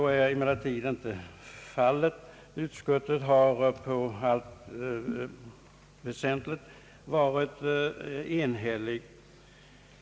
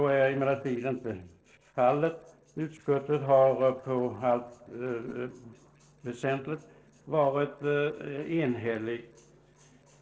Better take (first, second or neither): first